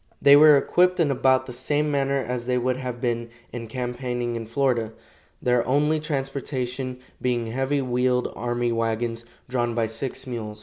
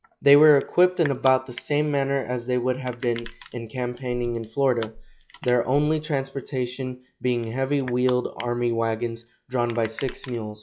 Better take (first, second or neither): first